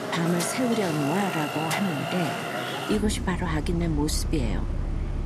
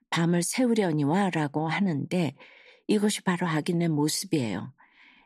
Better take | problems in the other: second | traffic noise; loud; throughout; 3 dB below the speech

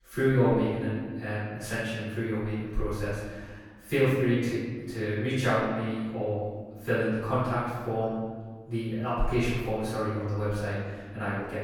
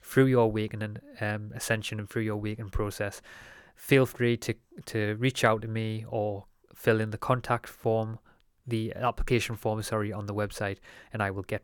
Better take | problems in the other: second | off-mic speech; far // room echo; strong; dies away in 1.6 s

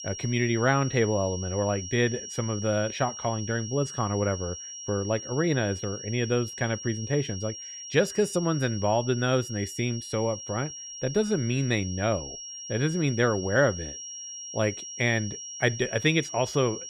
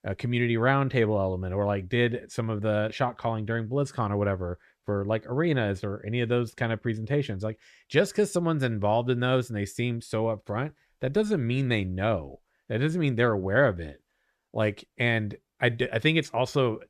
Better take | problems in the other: second | high-pitched whine; loud; throughout; 5.5 kHz, 9 dB below the speech

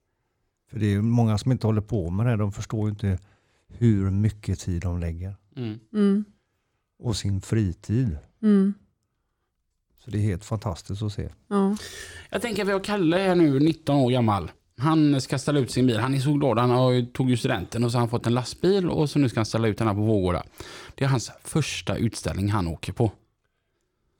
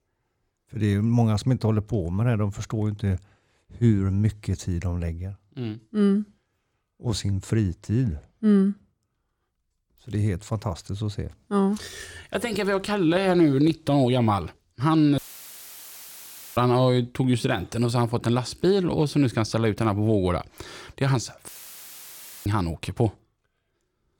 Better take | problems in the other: first | audio cutting out; filled with static; at 15 s for 1.5 s and at 21 s for 1 s

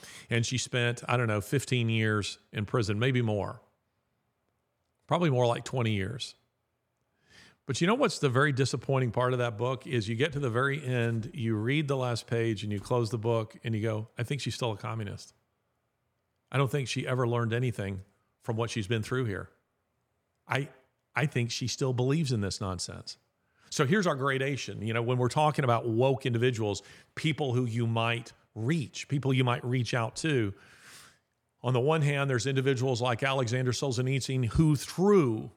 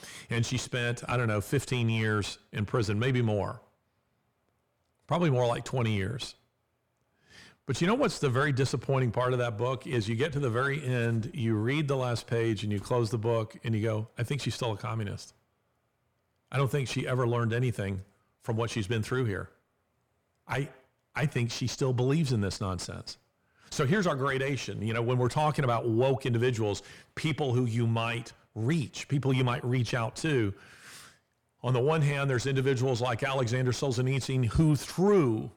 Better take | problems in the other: first | distortion; slight; 10 dB below the speech

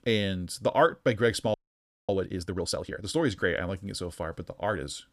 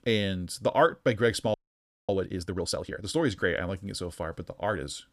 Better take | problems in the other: neither | audio freezing; at 1.5 s for 0.5 s; the same in both

